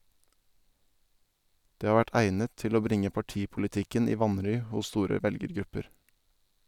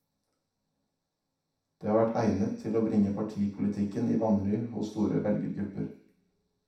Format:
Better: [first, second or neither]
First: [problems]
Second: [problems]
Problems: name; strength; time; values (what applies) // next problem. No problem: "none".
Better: first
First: none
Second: room echo; dies away in 0.7 s